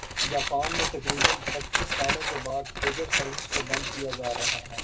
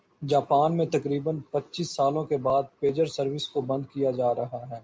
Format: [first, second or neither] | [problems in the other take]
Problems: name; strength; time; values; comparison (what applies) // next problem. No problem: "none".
second | background sound (Scissors); 5 dB above the speech // room echo; dies away in 0.2 s